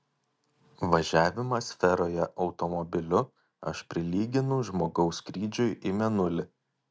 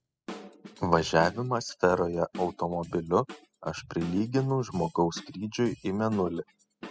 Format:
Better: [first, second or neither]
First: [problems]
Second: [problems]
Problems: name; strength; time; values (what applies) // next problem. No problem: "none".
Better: first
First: none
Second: noise reduction (classical method spectral subtraction)